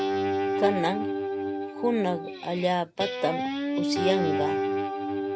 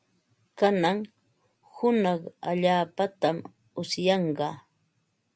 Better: second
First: background sound (Guitar); 1 dB above the speech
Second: none

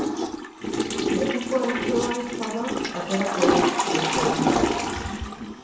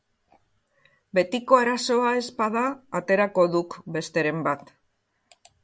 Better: second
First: background sound (Toilet flush / Water); 4 dB above the speech // room echo; dies away in 0.9 s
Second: none

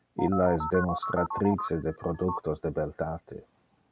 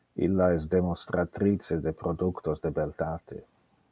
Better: second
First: background sound (Telephone); 5 dB below the speech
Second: none

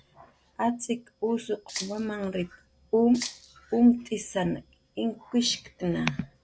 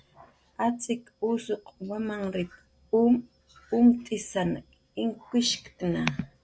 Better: second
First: background sound (Rattle (instrument)); 10 dB below the speech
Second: none

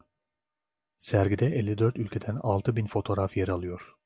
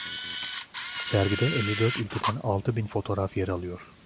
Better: first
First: none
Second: background sound (Camera); 7 dB below the speech

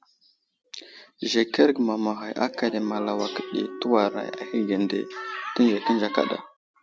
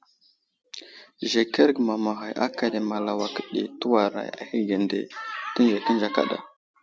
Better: second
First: background sound (Wind instrument, woodwind instrument); 15 dB below the speech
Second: none

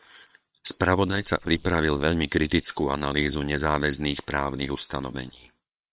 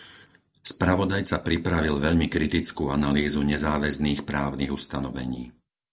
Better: second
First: noise reduction (neural separator model SepFormer WHAM!)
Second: none

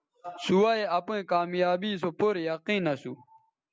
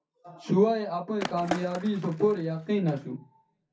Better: first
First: none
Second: background sound (Skateboard); 10 dB below the speech // room echo; dies away in 0.3 s

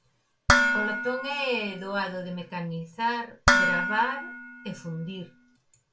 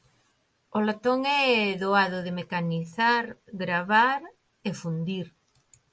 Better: second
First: background sound (Dishes, pots, and pans); 5 dB above the speech // room echo; dies away in 0.3 s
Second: none

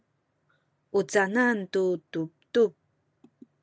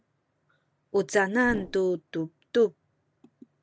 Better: first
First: none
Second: background sound (Whoosh, swoosh, swish); 10 dB below the speech

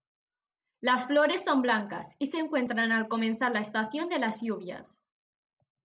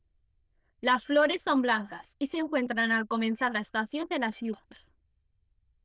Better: first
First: none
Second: noise reduction (neural diffusion model UNIVERSE++)

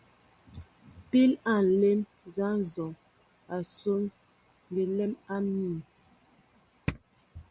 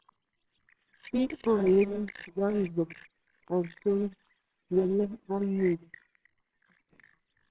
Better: first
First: none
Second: noise reduction (neural separator model SepFormer WHAMR!)

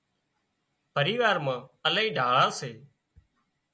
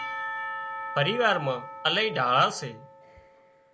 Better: first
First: none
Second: background sound (Church bell / Percussion); 9 dB below the speech

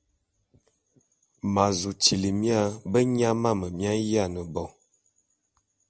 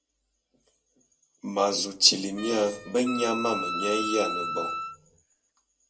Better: first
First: none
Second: background sound (Wind instrument, woodwind instrument); 4 dB below the speech // room echo; dies away in 0.2 s

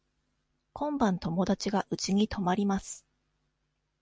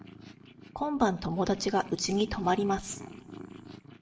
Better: first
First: none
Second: background sound (Purr); 16 dB below the speech // room echo; dies away in 0.8 s

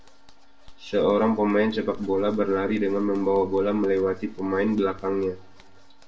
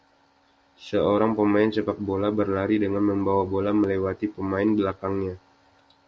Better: second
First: background sound (Zipper (clothing)); 18 dB below the speech // room echo; dies away in 0.4 s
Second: none

